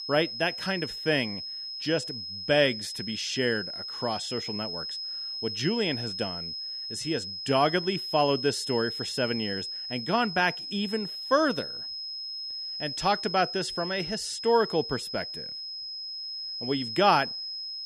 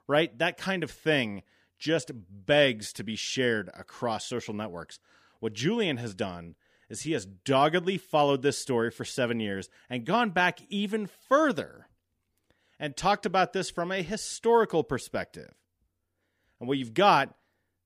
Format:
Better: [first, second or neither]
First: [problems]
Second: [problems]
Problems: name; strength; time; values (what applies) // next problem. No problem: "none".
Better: second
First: high-pitched whine; loud; throughout; 5 kHz, 5 dB below the speech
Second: none